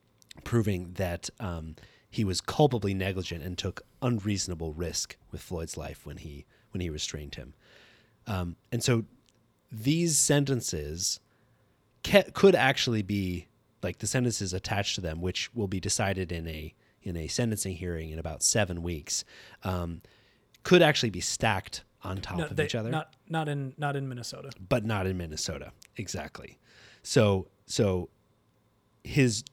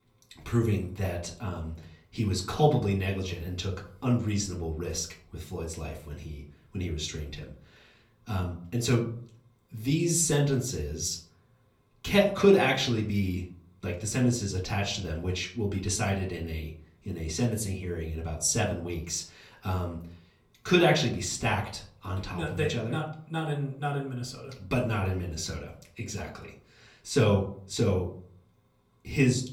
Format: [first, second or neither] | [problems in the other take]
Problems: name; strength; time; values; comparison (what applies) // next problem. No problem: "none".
first | off-mic speech; far // room echo; very slight; dies away in 0.4 s